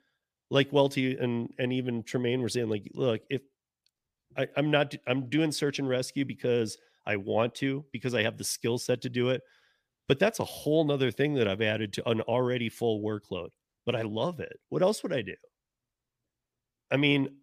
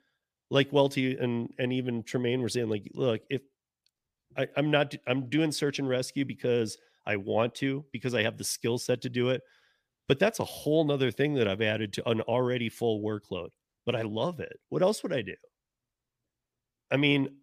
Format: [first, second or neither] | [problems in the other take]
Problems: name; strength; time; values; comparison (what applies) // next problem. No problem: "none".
neither | none